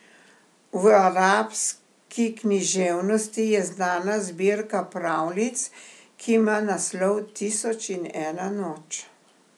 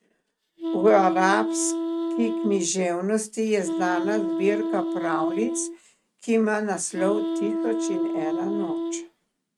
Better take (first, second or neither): first